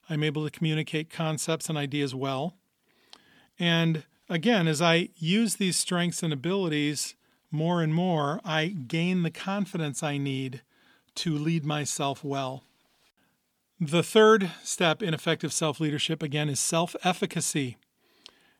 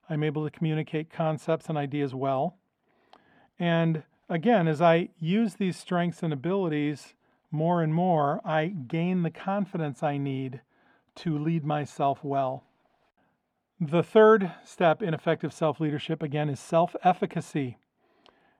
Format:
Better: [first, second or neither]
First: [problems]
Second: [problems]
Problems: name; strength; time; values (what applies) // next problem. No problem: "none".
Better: first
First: none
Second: muffled; very; fading above 3 kHz